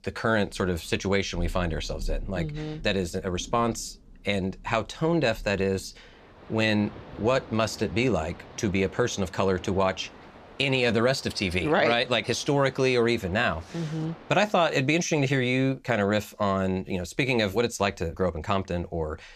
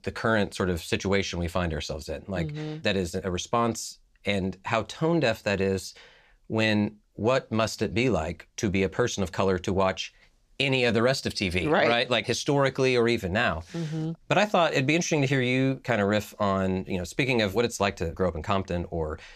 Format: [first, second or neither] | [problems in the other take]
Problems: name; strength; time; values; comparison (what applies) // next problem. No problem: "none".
second | rain or running water; noticeable; until 14 s; 20 dB below the speech